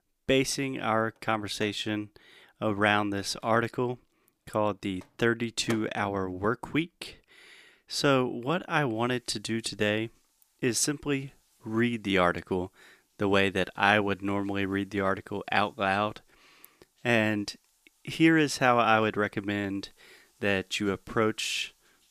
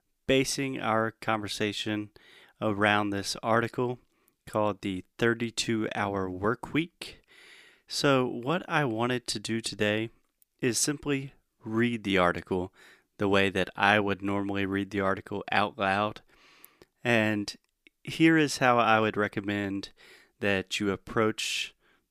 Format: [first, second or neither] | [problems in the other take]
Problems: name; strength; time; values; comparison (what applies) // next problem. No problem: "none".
second | household noises; faint; throughout; 25 dB below the speech